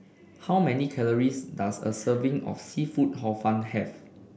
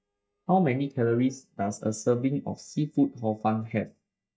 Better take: first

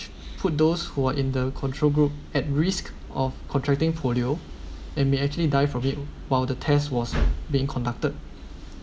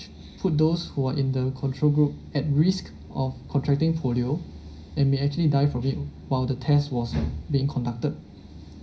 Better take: first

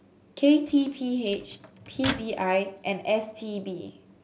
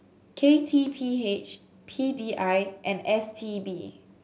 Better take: second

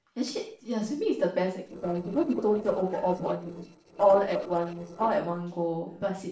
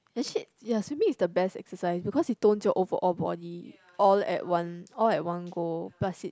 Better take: second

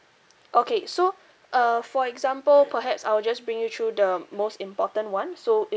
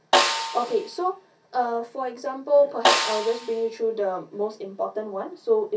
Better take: first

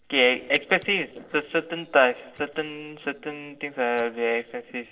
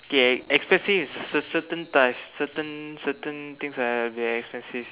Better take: second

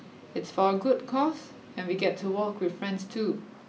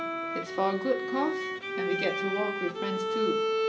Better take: first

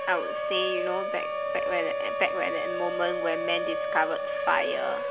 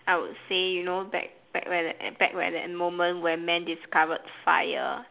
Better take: second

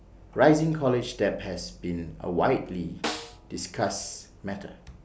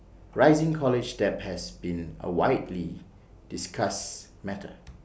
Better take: second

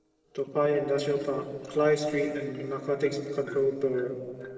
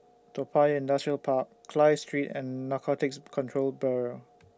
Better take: second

